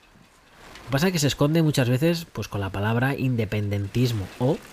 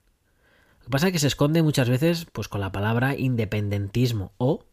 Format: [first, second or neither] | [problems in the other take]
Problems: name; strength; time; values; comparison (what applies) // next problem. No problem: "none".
second | wind noise on the microphone; occasional gusts; 20 dB below the speech